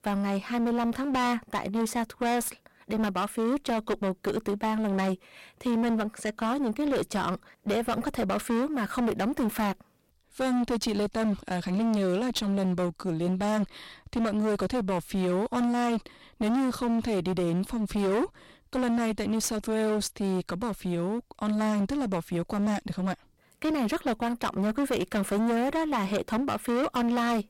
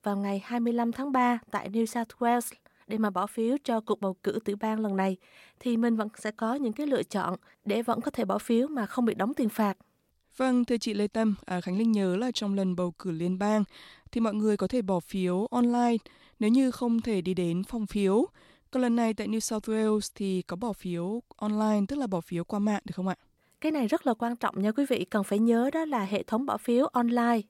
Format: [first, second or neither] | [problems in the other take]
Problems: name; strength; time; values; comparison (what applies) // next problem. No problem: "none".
second | distortion; heavy; 25% of the sound clipped